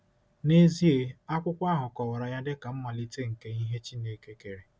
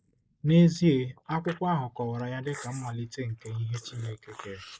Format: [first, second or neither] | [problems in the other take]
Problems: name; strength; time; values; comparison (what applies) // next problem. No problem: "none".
first | noise reduction (neural mask model Resemble Enhance denoiser)